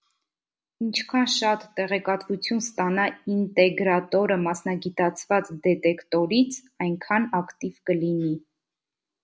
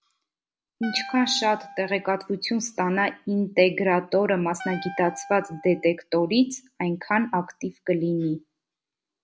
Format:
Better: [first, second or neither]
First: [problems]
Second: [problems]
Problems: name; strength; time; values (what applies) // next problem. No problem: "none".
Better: first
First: none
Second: background sound (Wind instrument, woodwind instrument); 15 dB below the speech